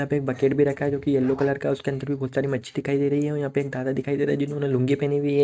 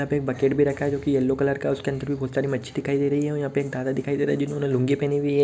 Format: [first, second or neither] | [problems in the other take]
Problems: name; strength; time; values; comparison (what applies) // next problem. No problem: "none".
second | noise reduction (neural mask model RNNoise)